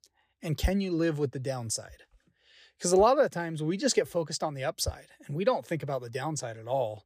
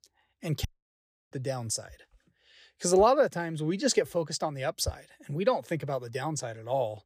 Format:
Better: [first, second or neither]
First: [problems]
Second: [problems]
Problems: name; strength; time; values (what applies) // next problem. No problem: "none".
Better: first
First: none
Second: audio cutting out; at 0.5 s for 0.5 s